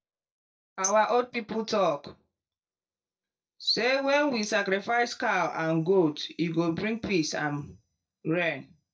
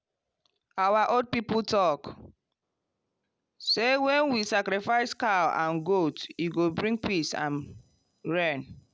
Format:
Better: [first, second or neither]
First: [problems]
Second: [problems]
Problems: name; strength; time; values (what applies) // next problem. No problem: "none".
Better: second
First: noise reduction (neural mask model DeepFilterNet 3)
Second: none